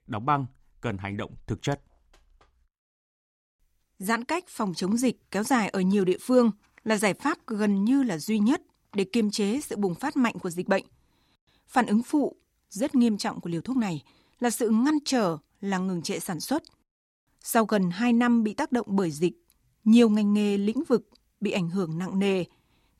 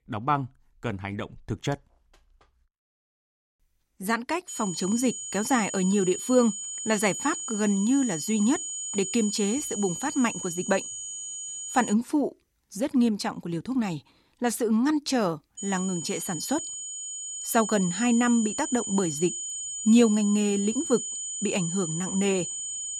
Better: first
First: none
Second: high-pitched whine; loud; from 4.5 to 12 s and from 16 s on; 7 kHz, 5 dB below the speech

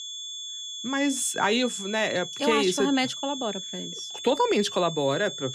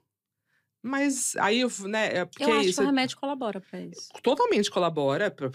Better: second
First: high-pitched whine; loud; throughout; 3.5 kHz, 9 dB below the speech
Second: none

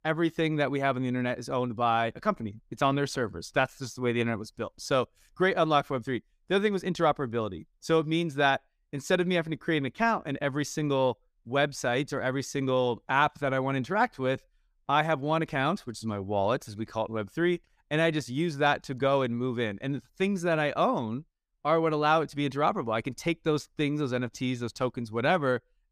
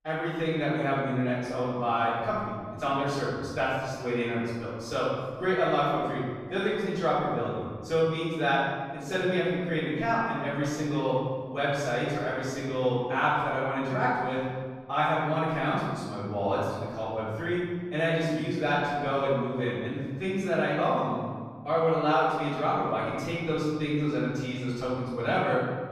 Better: first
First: none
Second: room echo; strong; dies away in 1.4 s // off-mic speech; far

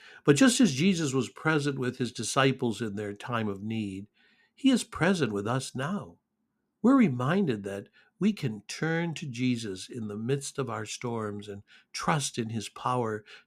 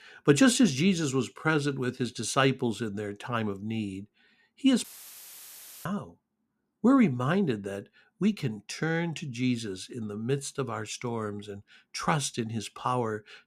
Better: first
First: none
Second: audio cutting out; filled with static; at 5 s for 1 s

